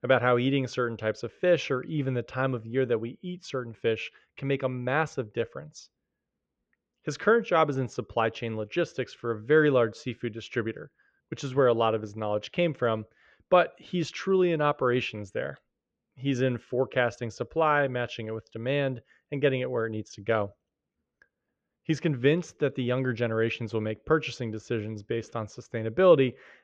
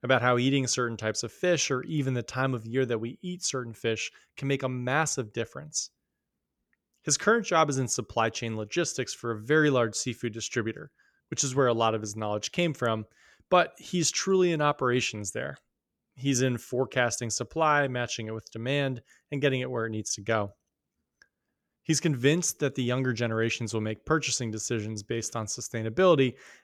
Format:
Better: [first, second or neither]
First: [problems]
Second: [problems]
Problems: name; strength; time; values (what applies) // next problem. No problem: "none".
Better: second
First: muffled; very; fading above 3.5 kHz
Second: none